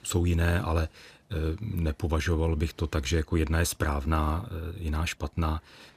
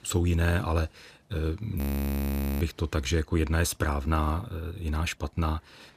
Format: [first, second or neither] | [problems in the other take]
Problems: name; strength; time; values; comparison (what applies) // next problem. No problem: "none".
first | audio freezing; at 2 s for 1 s